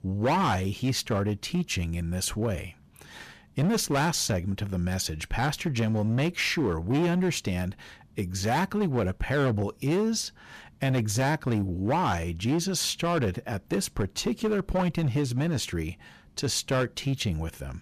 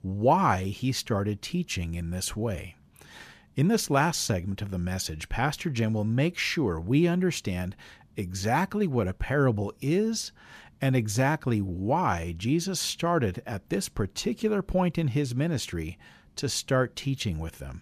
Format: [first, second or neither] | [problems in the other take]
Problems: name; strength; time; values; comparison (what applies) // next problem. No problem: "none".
second | distortion; slight; 10% of the sound clipped